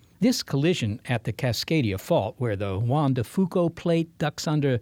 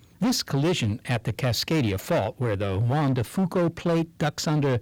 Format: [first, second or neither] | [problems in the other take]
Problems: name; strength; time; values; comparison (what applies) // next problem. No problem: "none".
first | distortion; slight; 16% of the sound clipped